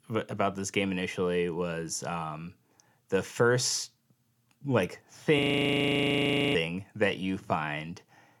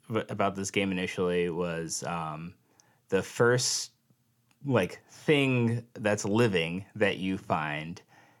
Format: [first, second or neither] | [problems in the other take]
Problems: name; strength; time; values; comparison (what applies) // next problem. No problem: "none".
second | audio freezing; at 5.5 s for 1 s